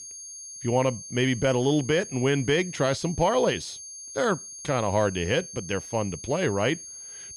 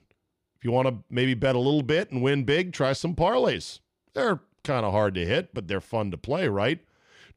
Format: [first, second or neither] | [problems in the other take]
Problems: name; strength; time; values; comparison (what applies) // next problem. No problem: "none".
second | high-pitched whine; noticeable; throughout; 6.5 kHz, 10 dB below the speech